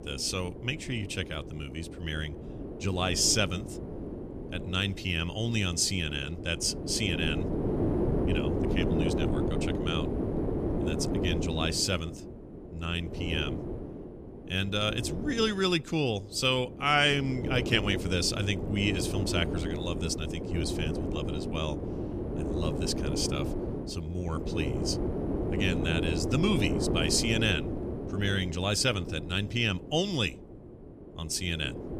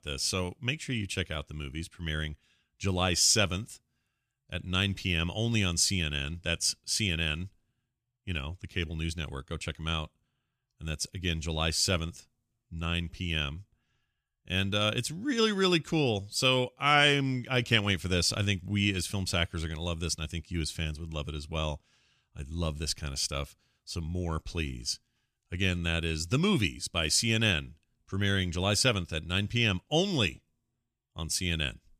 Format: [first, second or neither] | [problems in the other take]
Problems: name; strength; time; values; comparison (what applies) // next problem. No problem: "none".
second | wind noise on the microphone; heavy; 7 dB below the speech